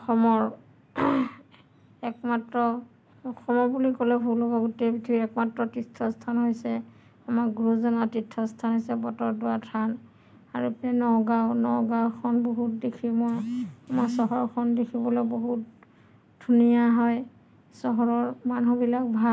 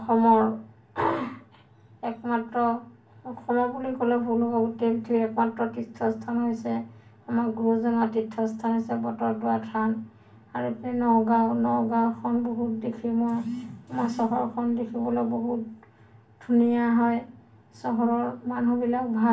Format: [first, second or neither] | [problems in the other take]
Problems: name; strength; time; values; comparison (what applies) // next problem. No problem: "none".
first | room echo; dies away in 0.3 s